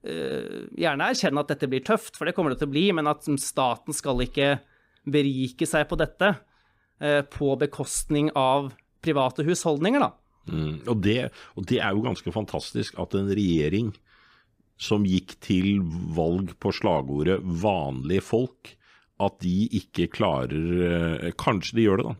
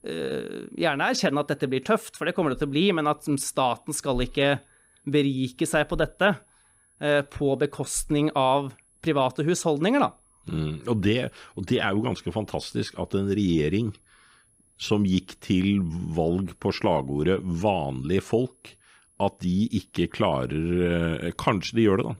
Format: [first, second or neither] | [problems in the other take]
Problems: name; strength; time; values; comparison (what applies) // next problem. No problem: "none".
first | high-pitched whine; faint; throughout; 10.5 kHz, 35 dB below the speech